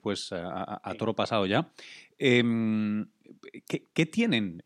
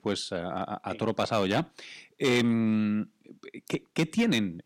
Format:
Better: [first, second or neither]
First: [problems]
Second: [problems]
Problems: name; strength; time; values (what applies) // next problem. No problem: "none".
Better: first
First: none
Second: distortion; slight; 3% of the sound clipped